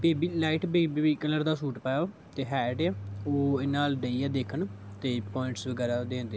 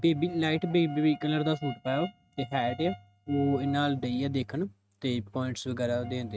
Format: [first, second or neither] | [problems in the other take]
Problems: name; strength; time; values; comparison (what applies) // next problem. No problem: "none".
first | noise reduction (neural mask model RNNoise)